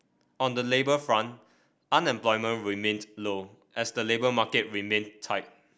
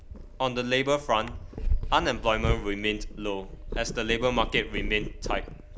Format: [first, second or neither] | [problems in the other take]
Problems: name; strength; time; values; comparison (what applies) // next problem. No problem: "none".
first | background sound (Purr); 4 dB below the speech